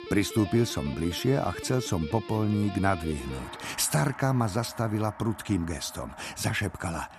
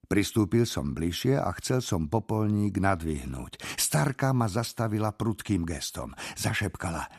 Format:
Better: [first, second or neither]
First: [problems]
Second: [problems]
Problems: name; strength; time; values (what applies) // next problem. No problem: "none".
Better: second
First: background music; noticeable; throughout; 15 dB below the speech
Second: none